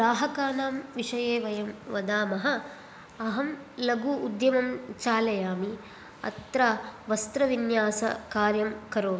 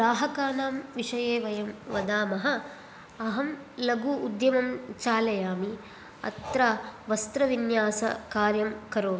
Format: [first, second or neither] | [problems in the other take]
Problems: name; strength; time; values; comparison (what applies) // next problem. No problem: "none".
first | background sound (Breathing); 19 dB below the speech